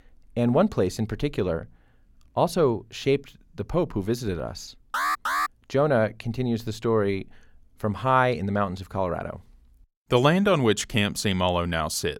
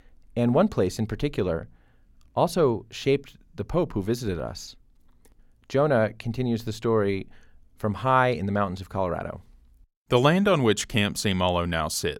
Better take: second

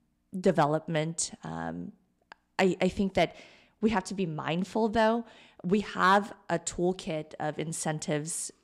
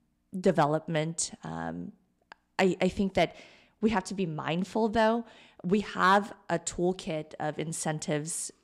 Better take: neither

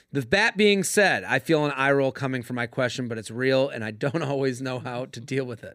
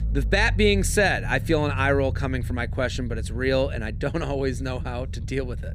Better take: first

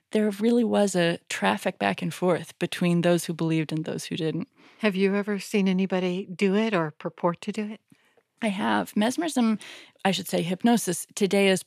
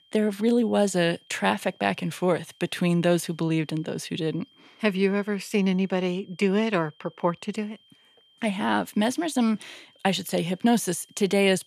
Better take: first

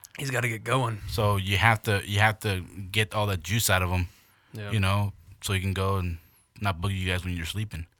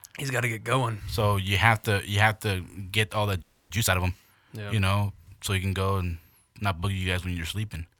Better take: first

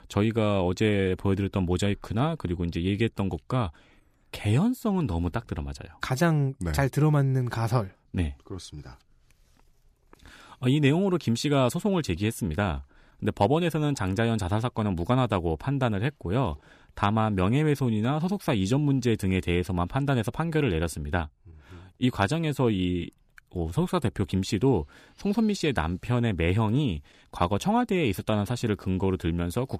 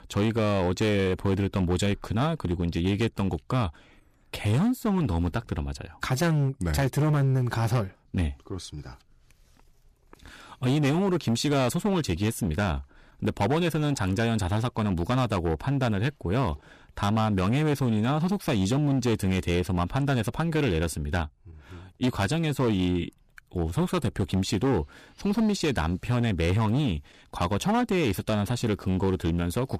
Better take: first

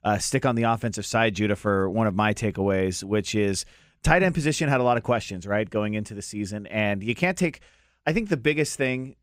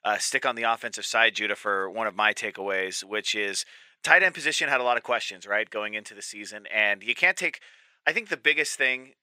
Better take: first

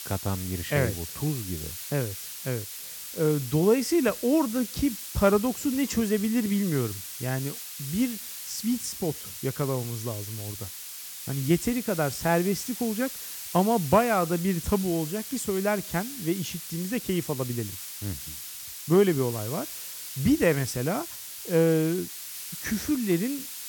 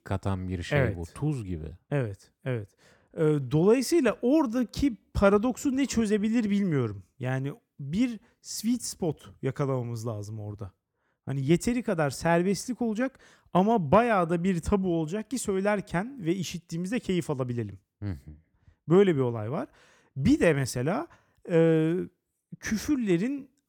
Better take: second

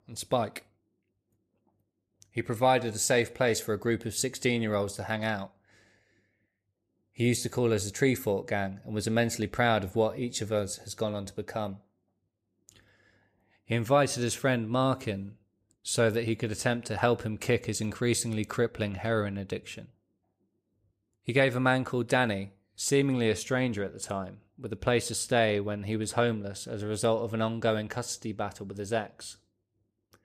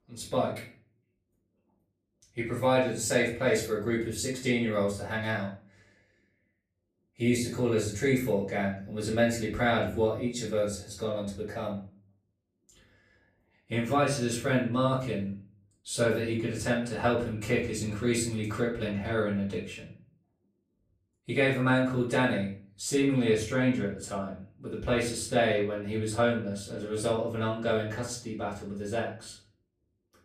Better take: first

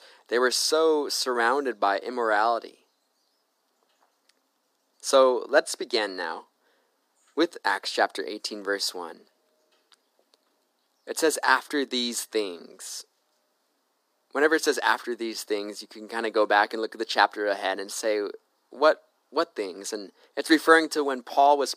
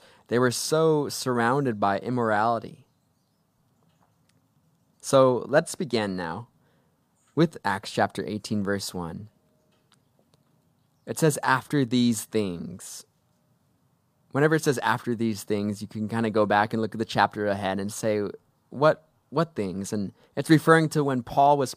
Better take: second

